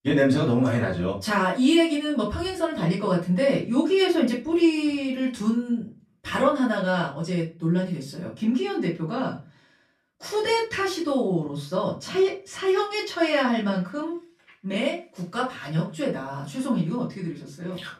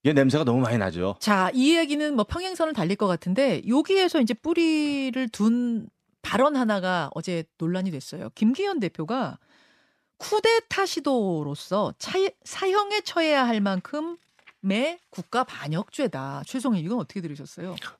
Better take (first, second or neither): second